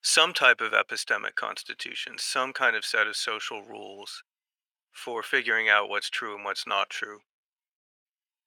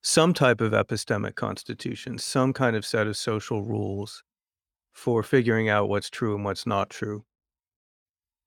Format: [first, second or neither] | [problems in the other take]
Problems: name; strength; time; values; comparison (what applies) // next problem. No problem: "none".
second | thin; very; fading below 750 Hz